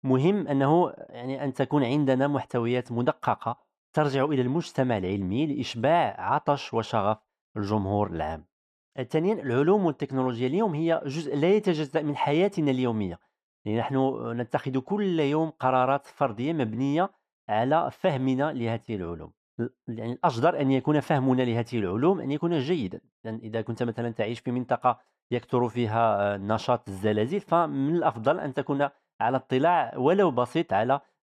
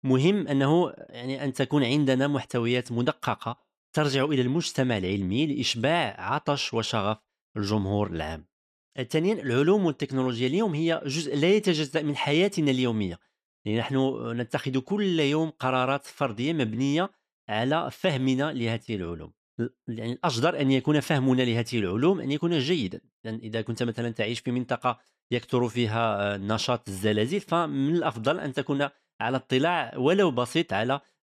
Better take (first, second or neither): second